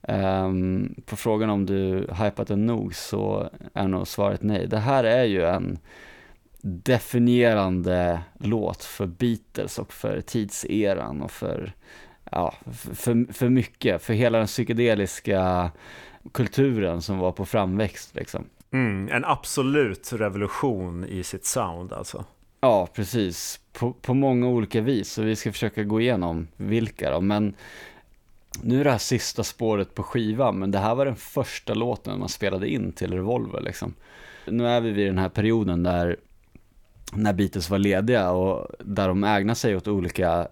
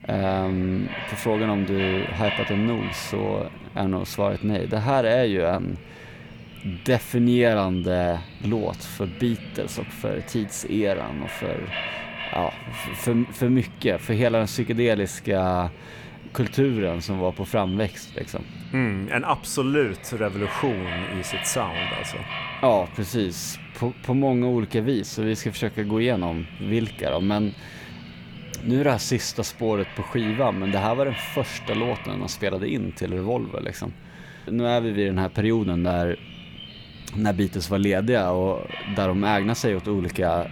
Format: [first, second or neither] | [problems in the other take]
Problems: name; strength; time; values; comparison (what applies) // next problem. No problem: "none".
first | animal sounds; noticeable; throughout; 10 dB below the speech